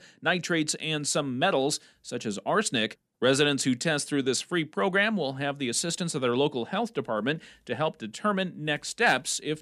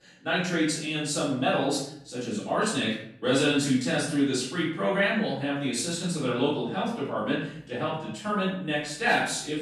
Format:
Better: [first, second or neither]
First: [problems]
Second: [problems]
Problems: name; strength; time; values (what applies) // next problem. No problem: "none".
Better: first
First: none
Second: off-mic speech; far // room echo; noticeable; dies away in 0.6 s